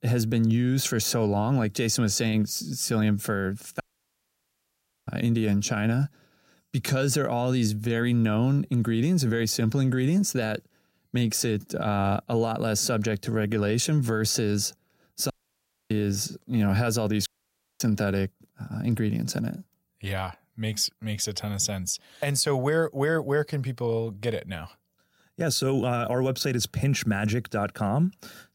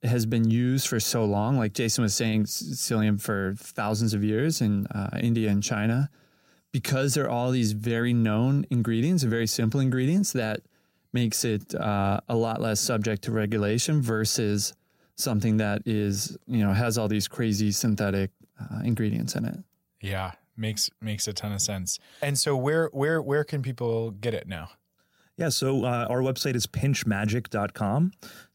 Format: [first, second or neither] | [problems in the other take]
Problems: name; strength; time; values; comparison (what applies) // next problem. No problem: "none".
second | audio cutting out; at 4 s for 1.5 s, at 15 s for 0.5 s and at 17 s for 0.5 s